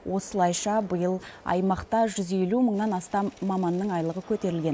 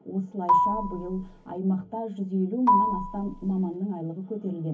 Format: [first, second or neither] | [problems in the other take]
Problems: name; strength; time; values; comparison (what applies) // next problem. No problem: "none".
first | background sound (Marimba, xylophone); 2 dB above the speech // room echo; dies away in 0.3 s